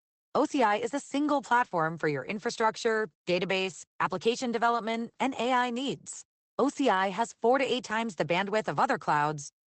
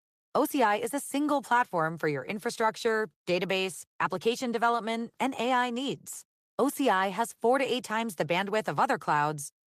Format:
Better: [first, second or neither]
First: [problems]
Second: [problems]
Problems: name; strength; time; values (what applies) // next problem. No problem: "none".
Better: second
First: garbled, watery; badly; nothing above 8 kHz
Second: garbled, watery; slightly; nothing above 14.5 kHz